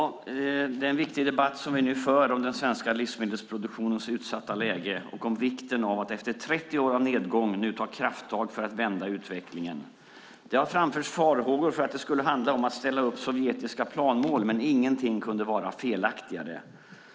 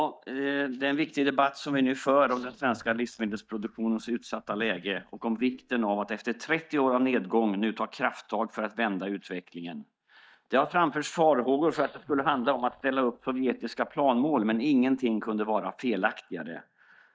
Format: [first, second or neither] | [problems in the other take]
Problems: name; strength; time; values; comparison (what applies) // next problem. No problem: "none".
first | noise reduction (neural mask model DeepFilterNet 3)